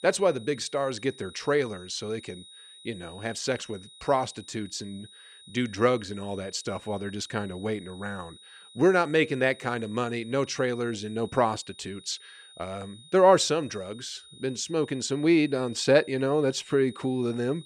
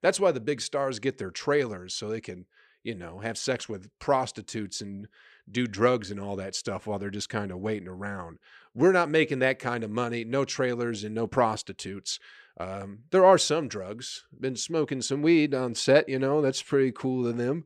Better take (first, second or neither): second